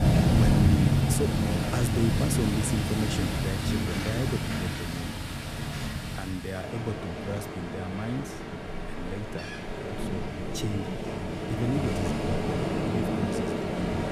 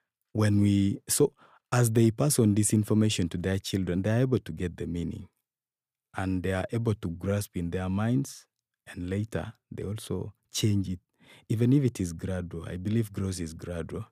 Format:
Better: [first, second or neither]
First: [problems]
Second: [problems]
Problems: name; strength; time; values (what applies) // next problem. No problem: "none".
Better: second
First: rain or running water; very loud; throughout; 5 dB above the speech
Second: none